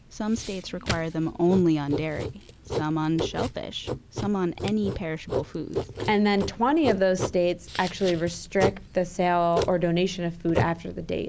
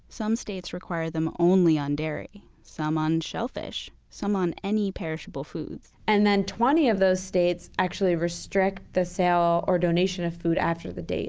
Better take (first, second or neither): second